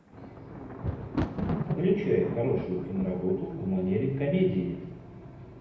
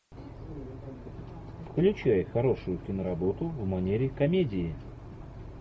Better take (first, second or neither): second